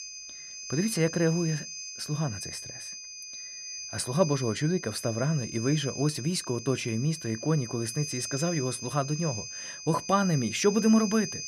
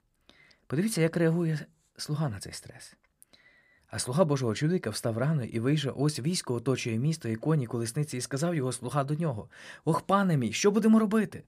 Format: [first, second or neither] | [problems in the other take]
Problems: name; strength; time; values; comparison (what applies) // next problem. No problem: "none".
second | high-pitched whine; loud; throughout; 6.5 kHz, 9 dB below the speech